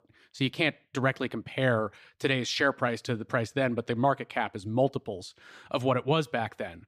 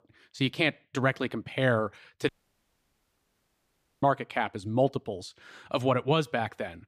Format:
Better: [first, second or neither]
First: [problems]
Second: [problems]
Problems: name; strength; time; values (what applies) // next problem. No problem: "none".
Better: first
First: none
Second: audio cutting out; at 2.5 s for 1.5 s